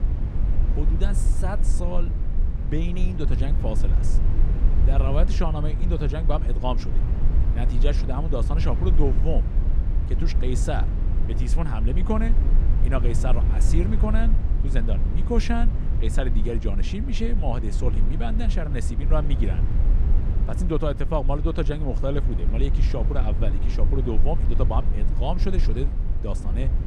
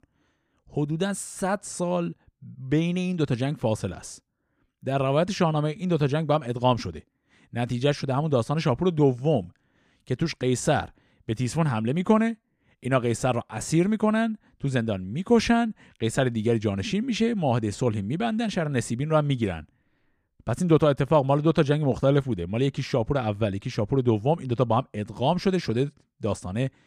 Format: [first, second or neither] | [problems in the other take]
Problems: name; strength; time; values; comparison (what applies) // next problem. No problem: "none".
second | low rumble; loud; throughout; 8 dB below the speech